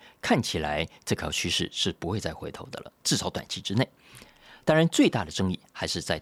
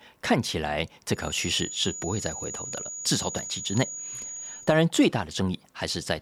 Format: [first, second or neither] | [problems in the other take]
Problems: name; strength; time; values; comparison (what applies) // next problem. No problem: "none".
first | high-pitched whine; loud; from 1.5 to 4.5 s; 7 kHz, 7 dB below the speech